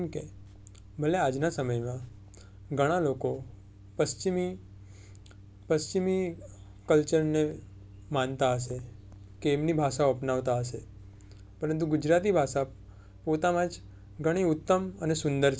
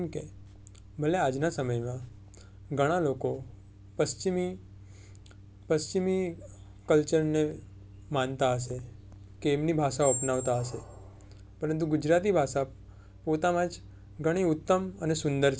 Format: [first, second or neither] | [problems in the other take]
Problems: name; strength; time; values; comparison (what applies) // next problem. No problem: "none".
first | background sound (Squeak); 8 dB below the speech